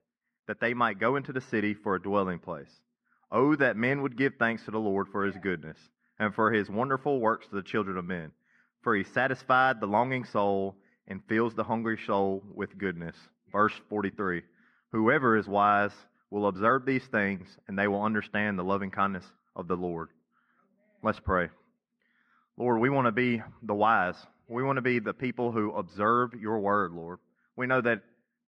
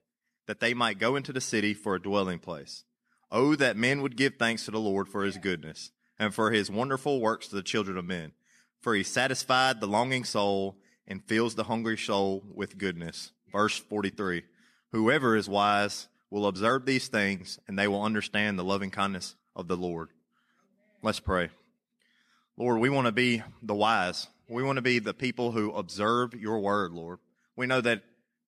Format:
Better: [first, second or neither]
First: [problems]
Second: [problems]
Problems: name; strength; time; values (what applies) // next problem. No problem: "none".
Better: second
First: muffled; very; fading above 4 kHz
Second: none